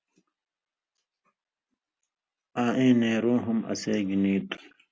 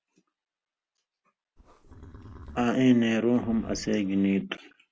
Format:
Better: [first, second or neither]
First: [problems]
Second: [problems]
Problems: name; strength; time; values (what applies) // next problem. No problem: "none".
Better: first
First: none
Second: background sound (Livestock, farm animals, working animals); 19 dB below the speech